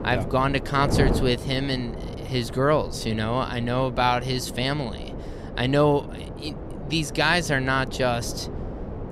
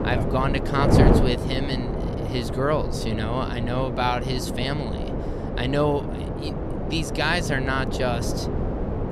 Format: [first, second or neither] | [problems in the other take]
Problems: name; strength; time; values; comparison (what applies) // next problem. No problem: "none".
first | wind noise on the microphone; heavy; 4 dB below the speech; occasional gusts in the first